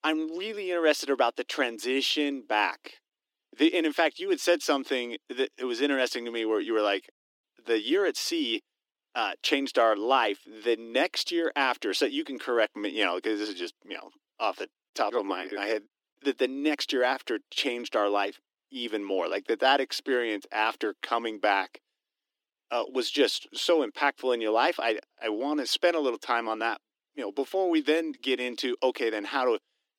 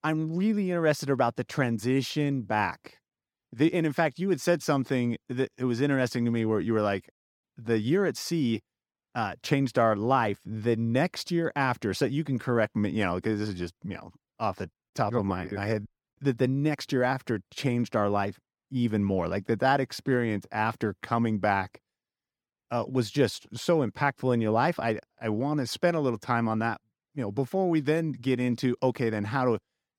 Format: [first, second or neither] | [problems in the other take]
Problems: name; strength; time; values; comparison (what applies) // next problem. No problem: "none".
second | thin; somewhat; fading below 300 Hz